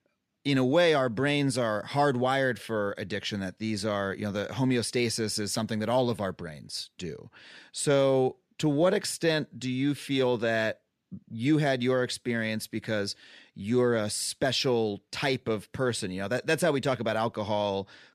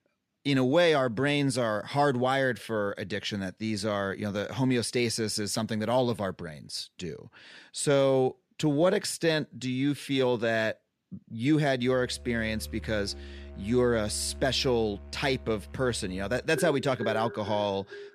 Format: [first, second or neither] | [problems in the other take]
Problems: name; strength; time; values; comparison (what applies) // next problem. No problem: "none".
first | background music; noticeable; from 12 s on; 15 dB below the speech